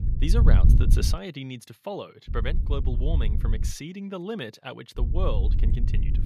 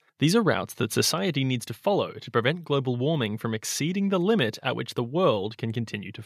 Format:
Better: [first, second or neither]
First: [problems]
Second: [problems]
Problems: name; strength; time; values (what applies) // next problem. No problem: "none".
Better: second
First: wind noise on the microphone; heavy; until 1 s, from 2.5 to 3.5 s and from 5 s on; 6 dB below the speech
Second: none